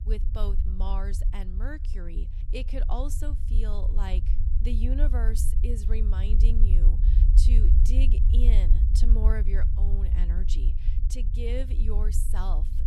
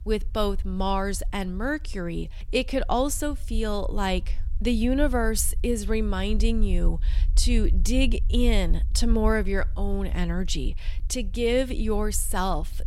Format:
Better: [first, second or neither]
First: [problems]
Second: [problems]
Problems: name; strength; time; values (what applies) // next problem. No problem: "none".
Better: second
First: low rumble; loud; throughout; 6 dB below the speech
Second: low rumble; faint; throughout; 25 dB below the speech